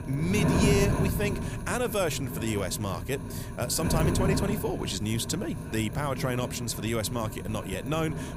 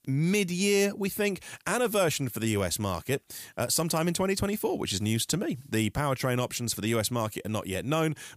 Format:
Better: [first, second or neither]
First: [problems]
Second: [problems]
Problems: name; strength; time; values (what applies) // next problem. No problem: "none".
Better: second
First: wind noise on the microphone; heavy; 5 dB below the speech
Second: none